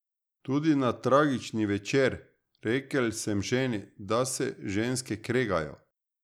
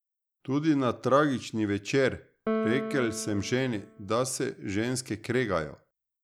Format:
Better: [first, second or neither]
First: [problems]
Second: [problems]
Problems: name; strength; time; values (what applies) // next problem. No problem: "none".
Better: first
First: none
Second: background sound (Piano); 8 dB below the speech